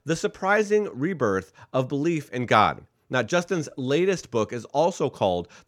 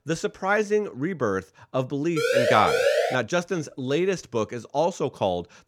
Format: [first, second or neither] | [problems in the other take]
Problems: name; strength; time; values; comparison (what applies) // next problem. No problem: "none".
first | siren; loud; from 2 to 3 s; peak 4 dB above the speech